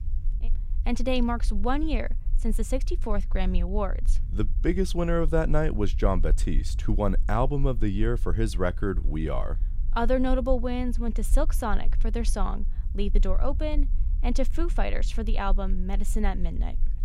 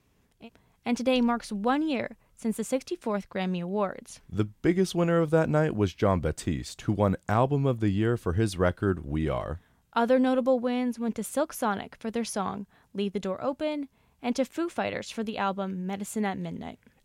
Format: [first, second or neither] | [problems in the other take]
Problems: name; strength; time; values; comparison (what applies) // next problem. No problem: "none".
second | low rumble; faint; throughout; 25 dB below the speech